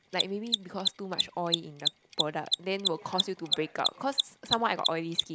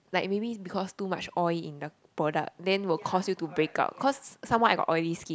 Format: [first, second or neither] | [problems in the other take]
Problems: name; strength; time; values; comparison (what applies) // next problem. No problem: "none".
second | background sound (Mechanisms); 1 dB above the speech